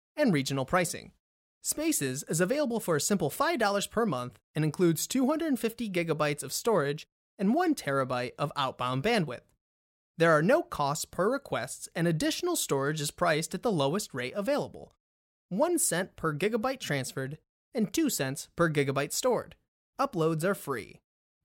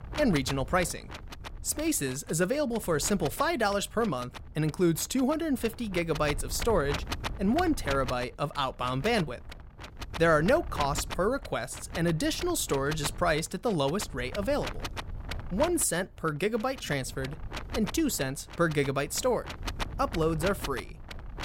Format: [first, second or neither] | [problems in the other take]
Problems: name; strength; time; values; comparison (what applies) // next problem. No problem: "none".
first | wind noise on the microphone; occasional gusts; 10 dB below the speech